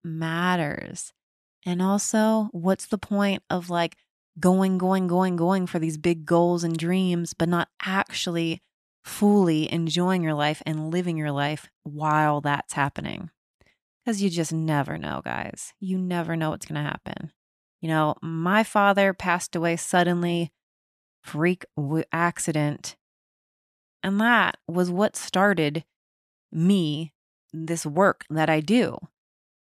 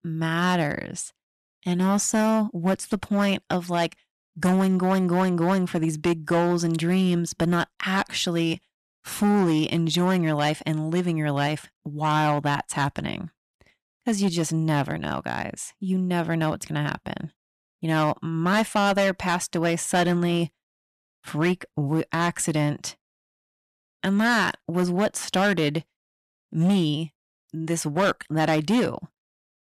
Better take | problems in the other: first | distortion; slight; 7% of the sound clipped

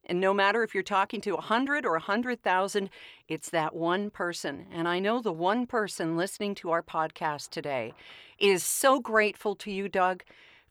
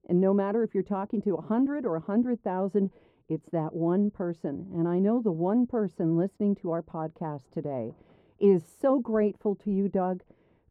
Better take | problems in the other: first | muffled; very; fading above 1 kHz

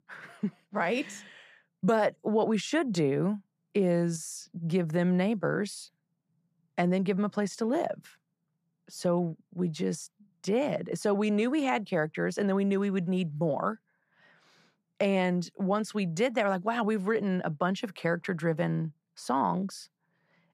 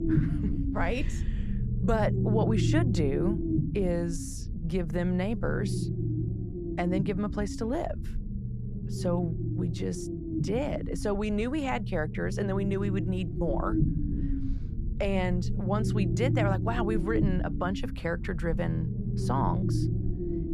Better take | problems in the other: first | low rumble; loud; throughout; 6 dB below the speech

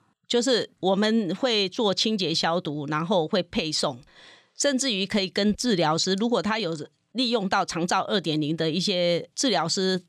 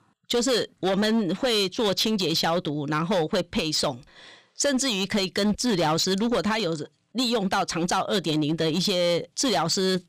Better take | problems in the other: first | distortion; slight; 12% of the sound clipped

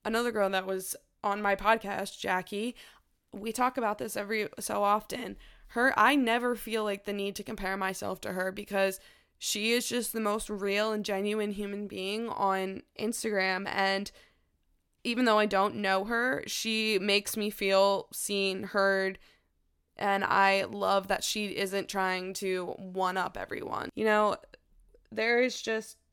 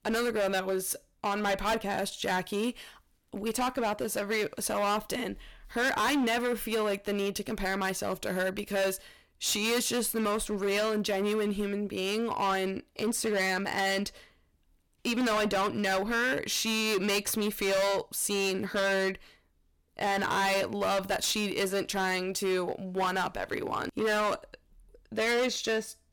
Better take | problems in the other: first | distortion; heavy; 15% of the sound clipped

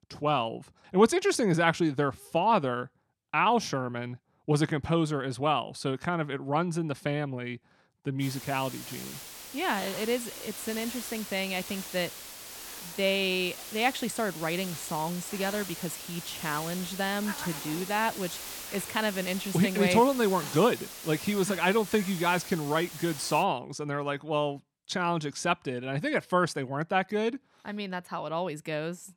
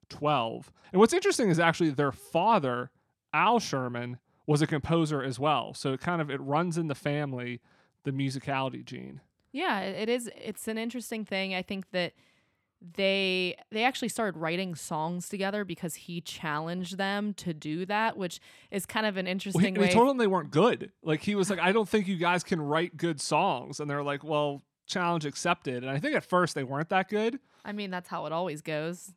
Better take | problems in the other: second | hiss; loud; from 8 to 23 s; 10 dB below the speech

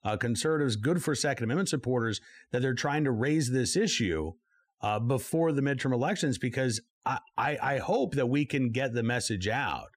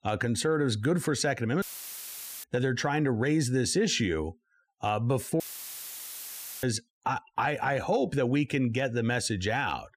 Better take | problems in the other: first | audio cutting out; filled with static; at 1.5 s for 1 s and at 5.5 s for 1 s

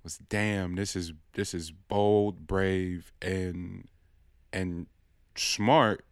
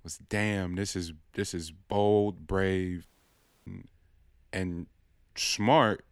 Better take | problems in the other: first | audio cutting out; at 3 s for 0.5 s

